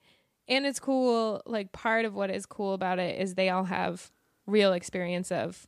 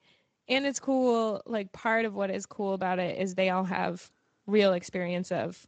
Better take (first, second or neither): first